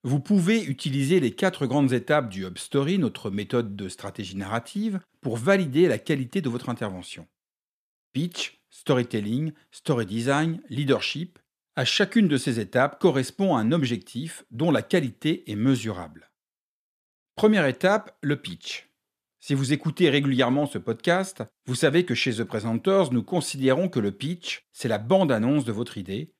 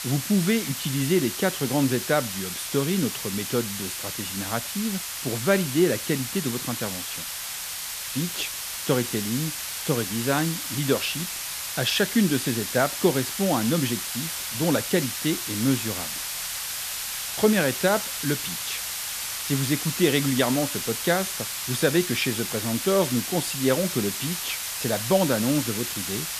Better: first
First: none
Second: hiss; loud; throughout; 3 dB below the speech

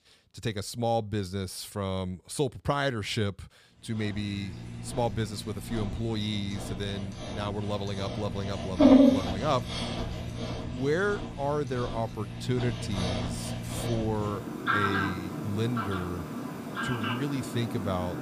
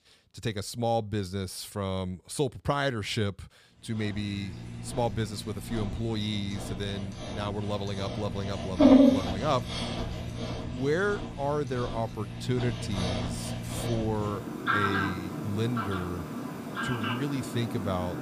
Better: neither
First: animal sounds; very loud; from 4 s on; 2 dB above the speech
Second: animal sounds; very loud; from 4 s on; 2 dB above the speech

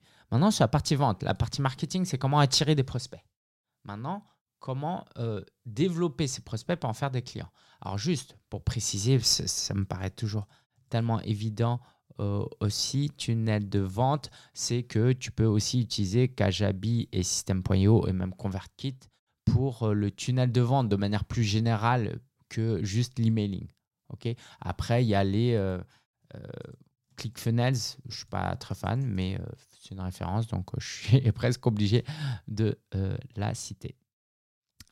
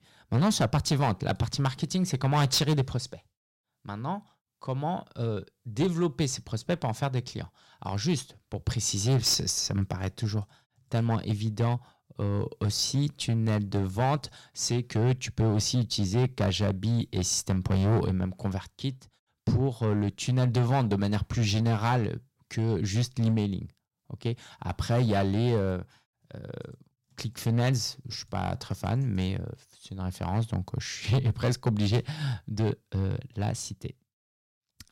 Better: first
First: none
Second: distortion; slight; 5% of the sound clipped

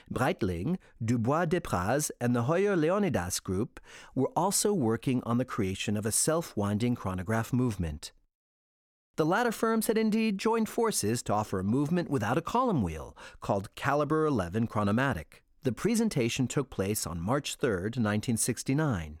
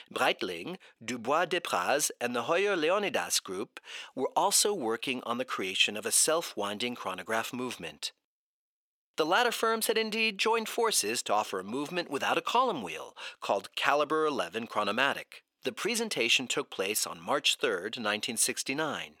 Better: first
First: none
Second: thin; somewhat; fading below 450 Hz

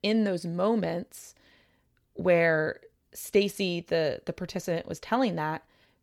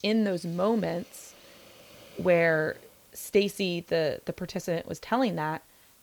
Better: first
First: none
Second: hiss; faint; throughout; 25 dB below the speech

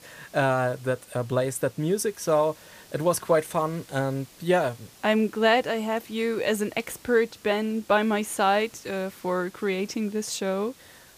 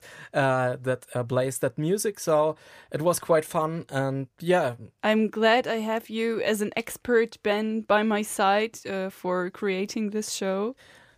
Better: second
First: hiss; faint; throughout; 25 dB below the speech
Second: none

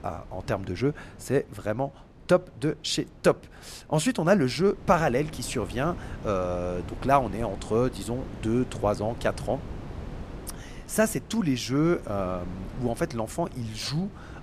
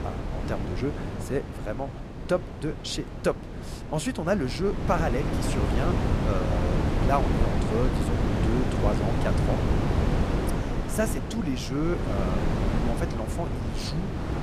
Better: first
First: wind noise on the microphone; occasional gusts; 20 dB below the speech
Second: wind noise on the microphone; heavy; 2 dB below the speech

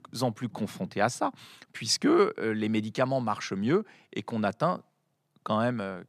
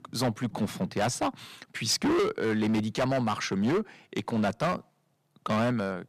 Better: first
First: none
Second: distortion; heavy; 13% of the sound clipped

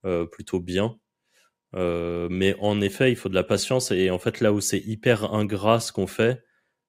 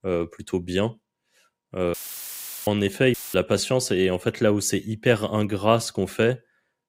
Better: first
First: none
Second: audio cutting out; filled with static; at 2 s for 0.5 s and at 3 s

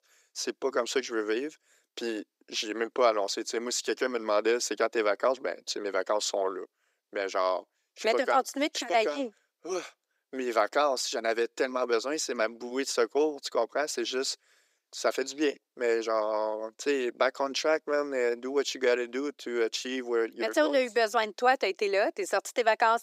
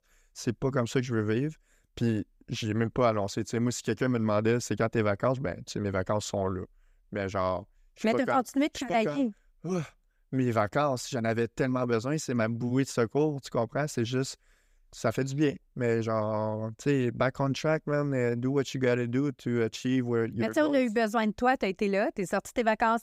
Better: second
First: thin; somewhat; fading below 350 Hz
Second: none

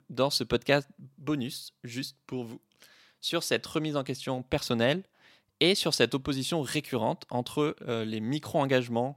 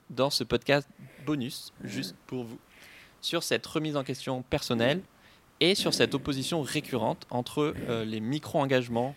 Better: first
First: none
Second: hiss; noticeable; throughout; 15 dB below the speech

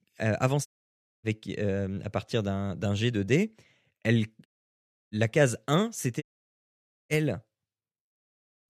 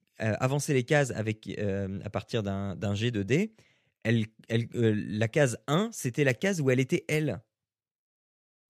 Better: second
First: audio cutting out; at 0.5 s for 0.5 s, at 4.5 s for 0.5 s and at 6 s for 1 s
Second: none

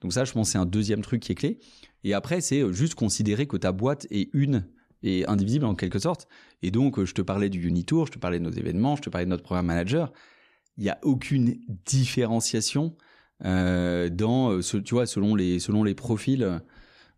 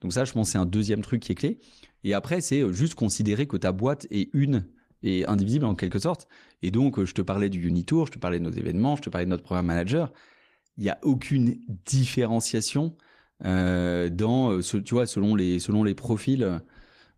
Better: first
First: none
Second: garbled, watery; slightly; nothing above 14.5 kHz

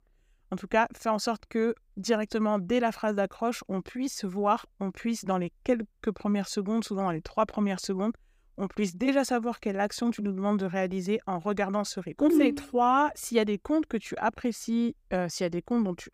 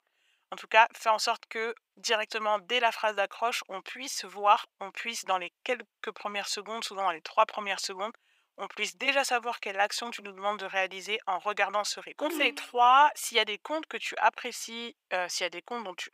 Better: first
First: none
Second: thin; very; fading below 850 Hz

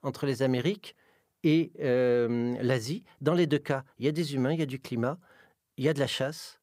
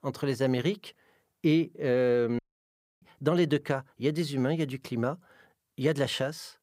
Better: first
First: none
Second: audio cutting out; at 2.5 s for 0.5 s

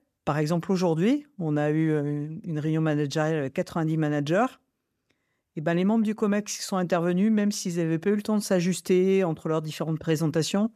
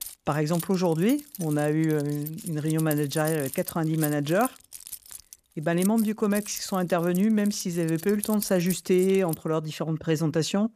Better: first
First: none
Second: jangling keys; noticeable; until 9.5 s; peak 7 dB below the speech

